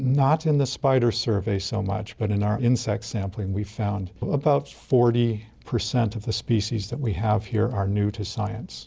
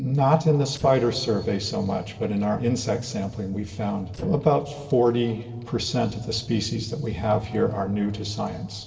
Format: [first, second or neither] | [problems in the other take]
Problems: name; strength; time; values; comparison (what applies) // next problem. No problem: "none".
first | noise reduction (neural separator model SepFormer DNS4)